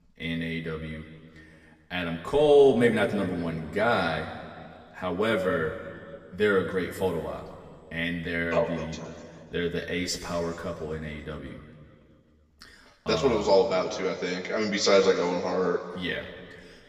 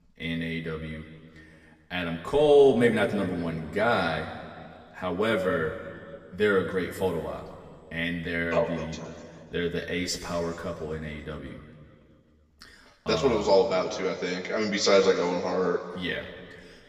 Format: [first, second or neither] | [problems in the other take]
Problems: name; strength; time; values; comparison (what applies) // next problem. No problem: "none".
neither | room echo; slight; dies away in 1.9 s; the same in both // off-mic speech; far; the same in both